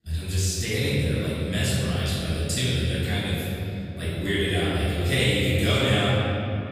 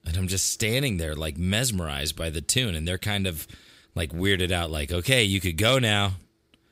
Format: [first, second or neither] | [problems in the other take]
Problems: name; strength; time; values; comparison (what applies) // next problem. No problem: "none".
second | room echo; strong; dies away in 3 s // off-mic speech; far